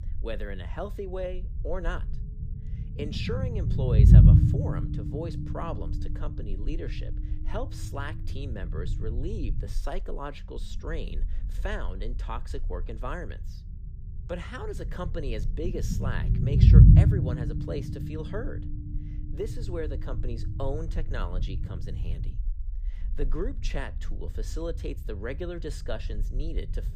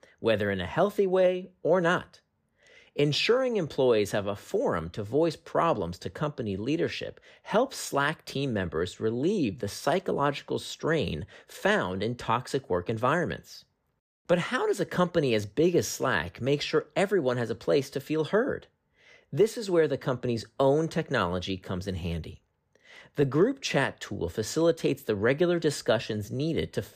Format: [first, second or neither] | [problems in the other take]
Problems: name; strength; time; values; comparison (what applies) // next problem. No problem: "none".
second | low rumble; loud; throughout; as loud as the speech